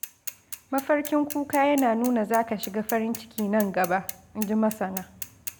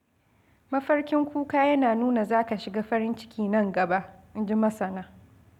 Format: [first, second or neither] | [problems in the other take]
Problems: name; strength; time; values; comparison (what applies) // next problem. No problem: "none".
second | background sound (Mechanisms / Bicycle); 13 dB below the speech